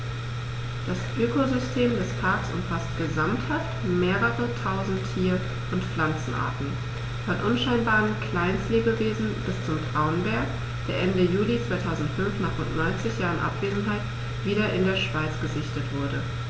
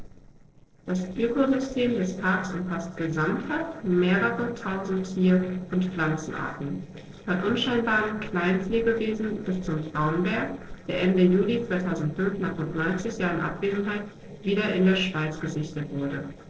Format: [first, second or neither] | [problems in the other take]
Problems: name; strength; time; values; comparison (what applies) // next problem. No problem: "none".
first | noise reduction (neural separator model SepFormer DNS4)